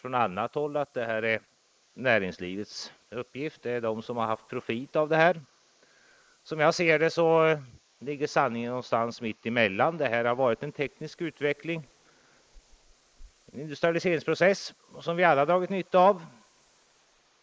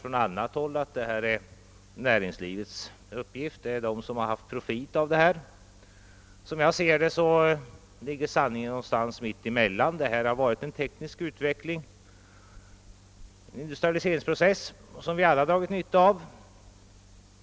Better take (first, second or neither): second